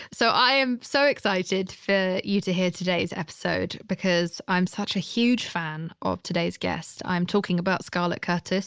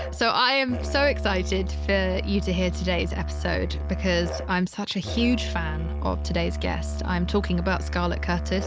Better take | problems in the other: first | background sound (Musical instrument); 3 dB below the speech

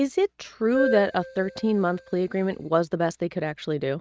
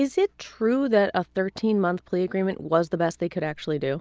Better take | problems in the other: second | noise reduction (neural mask model RNNoise)

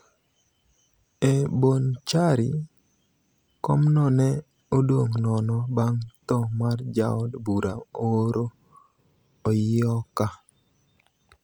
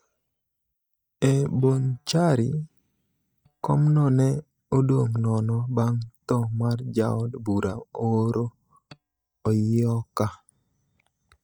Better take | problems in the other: first | noise reduction (neural mask model DeepFilterNet 3)

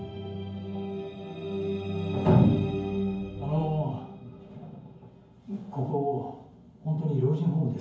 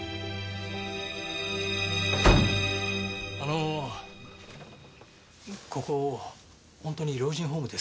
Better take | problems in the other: second | room echo; dies away in 0.9 s

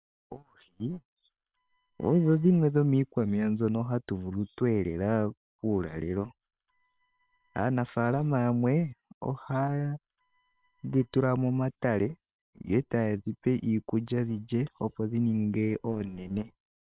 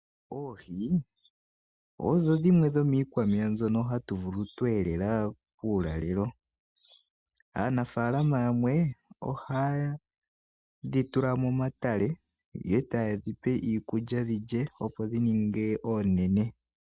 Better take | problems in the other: second | noise reduction (neural separator model SepFormer WHAM!)

